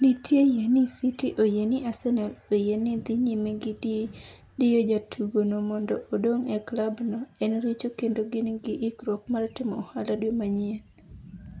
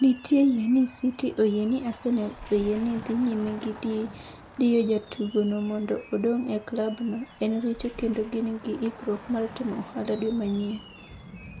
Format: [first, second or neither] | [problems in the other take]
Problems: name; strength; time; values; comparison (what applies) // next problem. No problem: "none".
first | background sound (Squeak + Motor vehicle (road)); 20 dB below the speech